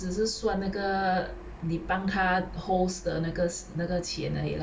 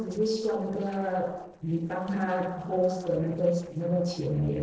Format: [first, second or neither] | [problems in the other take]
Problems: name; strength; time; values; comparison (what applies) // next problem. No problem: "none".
first | noise reduction (neural separator model SepFormer DNS4)